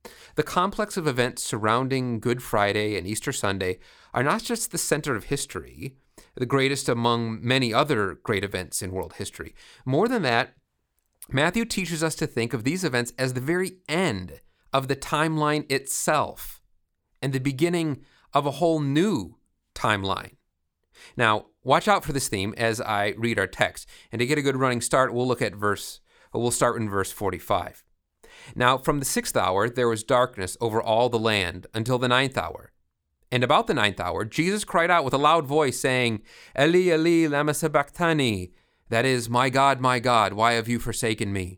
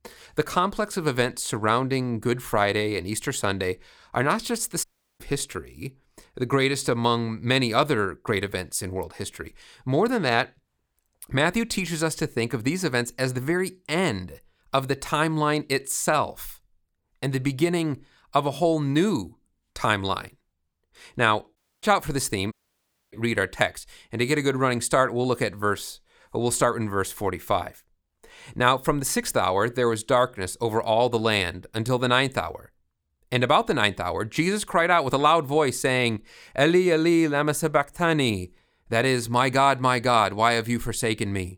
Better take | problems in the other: first | audio cutting out; at 5 s, at 22 s and at 23 s for 0.5 s

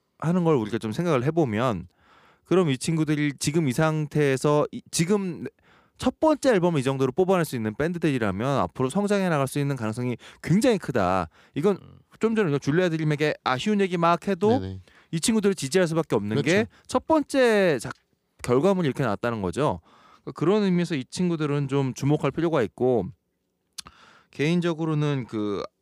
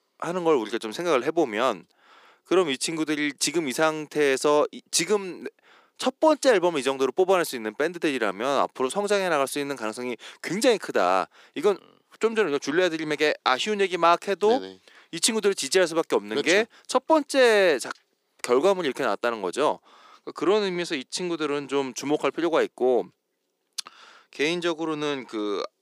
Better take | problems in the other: first | thin; somewhat; fading below 300 Hz

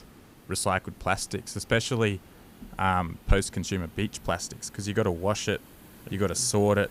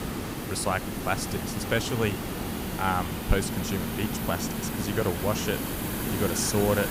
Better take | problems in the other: first | hiss; loud; throughout; 2 dB below the speech; faint in the first

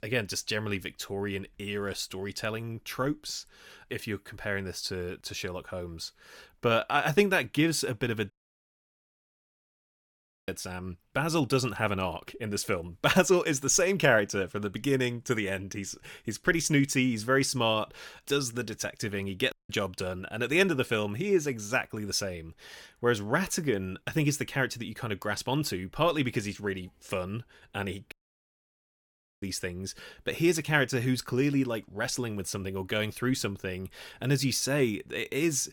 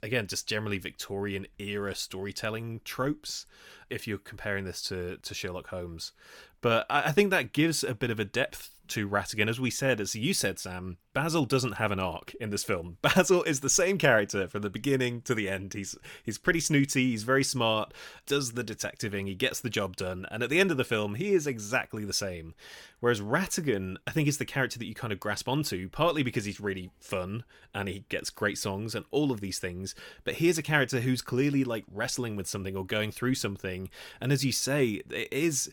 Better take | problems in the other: second | audio cutting out; at 8.5 s for 2 s, at 20 s and at 28 s for 1.5 s

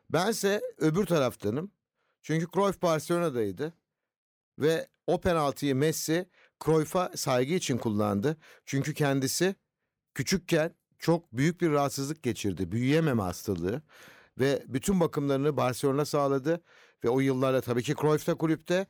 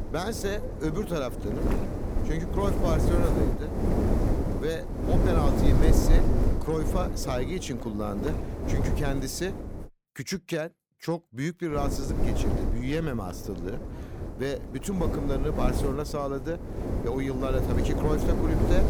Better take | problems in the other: first | wind noise on the microphone; heavy; until 10 s and from 12 s on; 2 dB below the speech

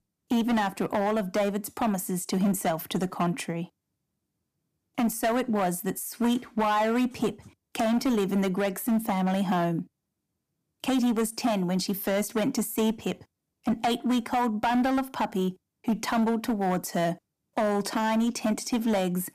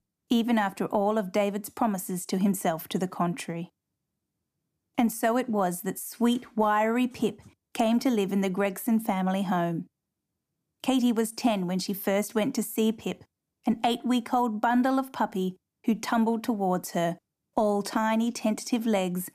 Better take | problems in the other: second | distortion; slight; 10% of the sound clipped

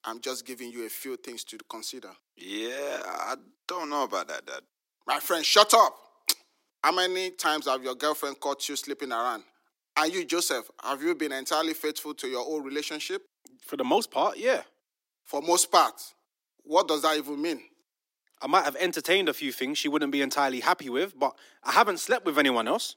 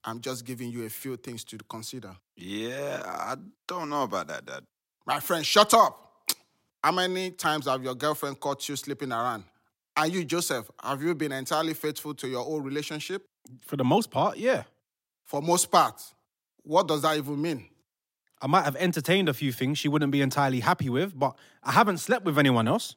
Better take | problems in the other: second | thin; very slightly; fading below 300 Hz

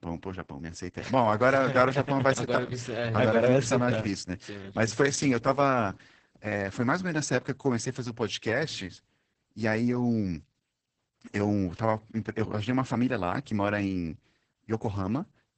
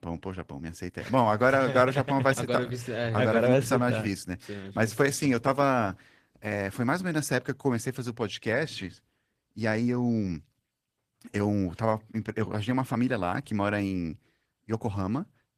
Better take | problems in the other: second | garbled, watery; badly; nothing above 8 kHz; slightly in the second

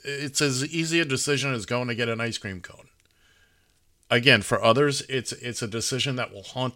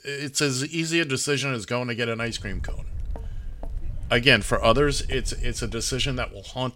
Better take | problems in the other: first | footsteps; faint; from 2.5 s on; peak 10 dB below the speech

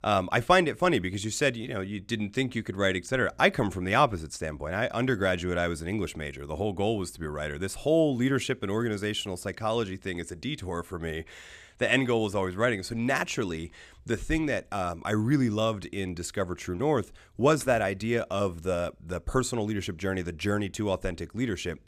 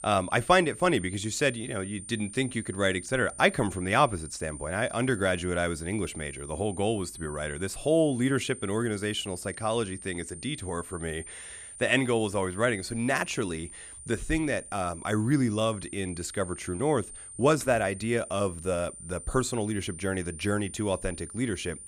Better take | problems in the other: first | high-pitched whine; noticeable; throughout; 9 kHz, 15 dB below the speech

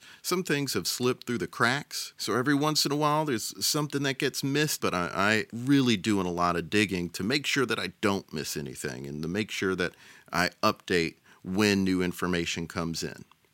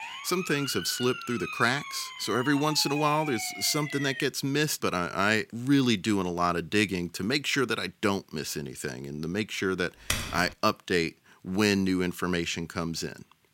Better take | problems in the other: first | siren; noticeable; until 4.5 s; peak 7 dB below the speech // keyboard typing; noticeable; at 10 s; peak 3 dB below the speech

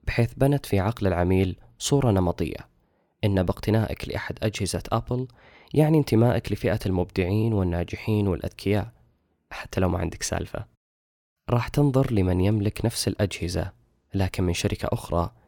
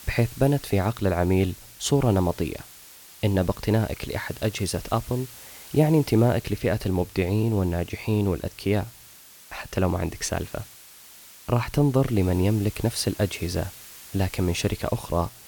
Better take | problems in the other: first | hiss; noticeable; throughout; 20 dB below the speech

